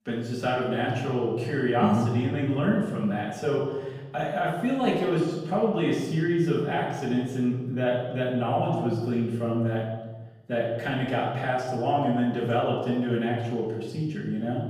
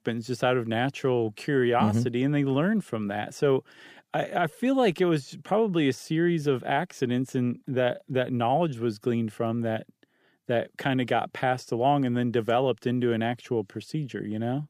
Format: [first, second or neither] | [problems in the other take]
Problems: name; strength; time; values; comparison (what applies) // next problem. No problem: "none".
second | off-mic speech; far // room echo; noticeable; dies away in 1.1 s